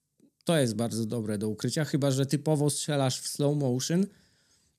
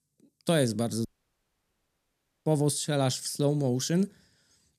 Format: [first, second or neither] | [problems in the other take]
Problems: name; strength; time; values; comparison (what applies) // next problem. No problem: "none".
first | audio cutting out; at 1 s for 1.5 s